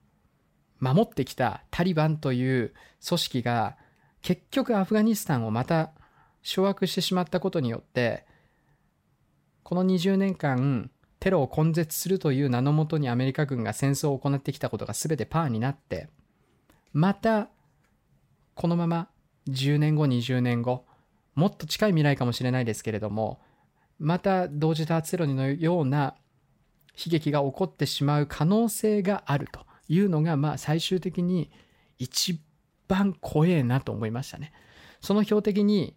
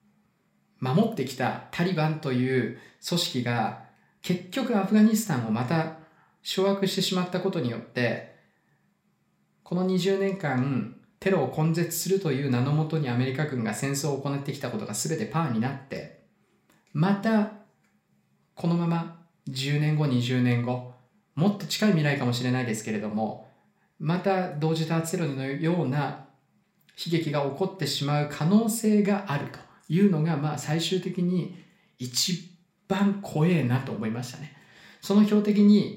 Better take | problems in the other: first | room echo; very slight; dies away in 0.4 s

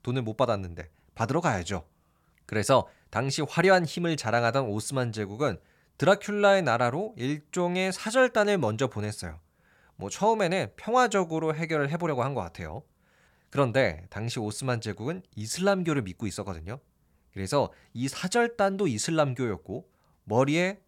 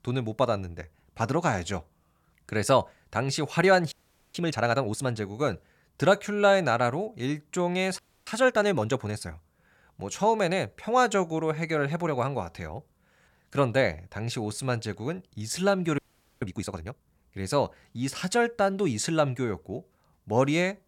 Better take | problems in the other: first | audio freezing; at 4 s, at 8 s and at 16 s

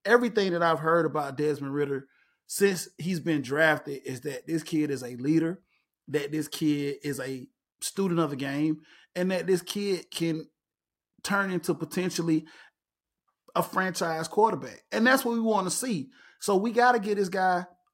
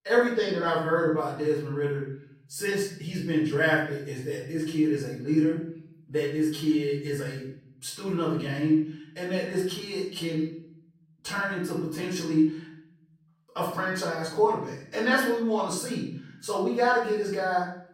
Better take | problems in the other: first | off-mic speech; far // room echo; noticeable; dies away in 0.7 s

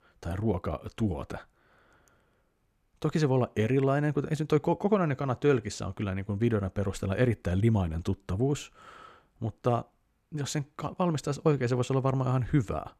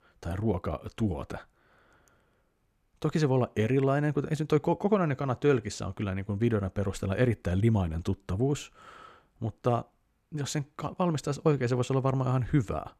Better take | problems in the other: neither | none

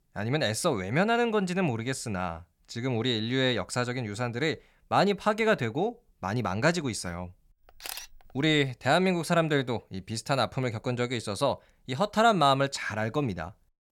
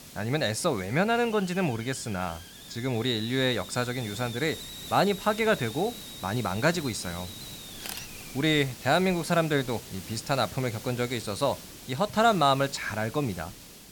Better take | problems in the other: first | hiss; noticeable; throughout; 15 dB below the speech

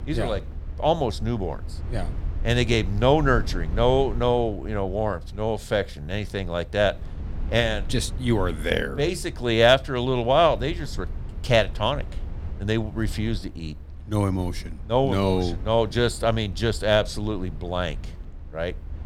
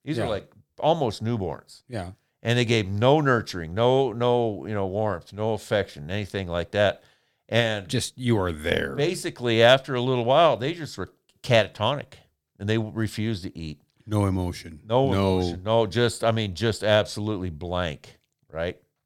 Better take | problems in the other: second | low rumble; faint; throughout; 25 dB below the speech

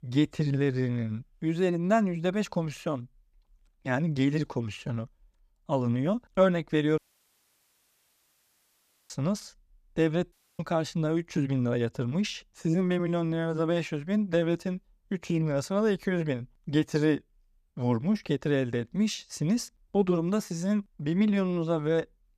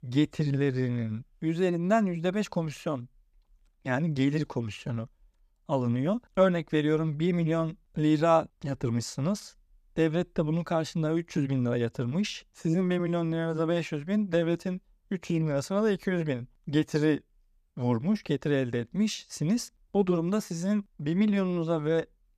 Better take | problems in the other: second | audio cutting out; at 7 s for 2 s and at 10 s

